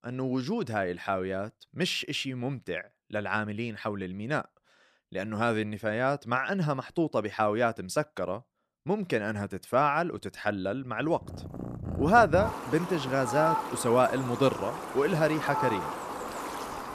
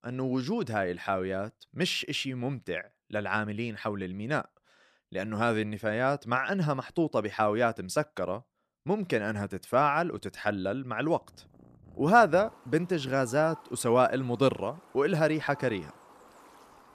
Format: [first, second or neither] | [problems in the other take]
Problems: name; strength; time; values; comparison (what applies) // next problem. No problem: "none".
second | animal sounds; loud; from 11 s on; 6 dB below the speech; faint in the second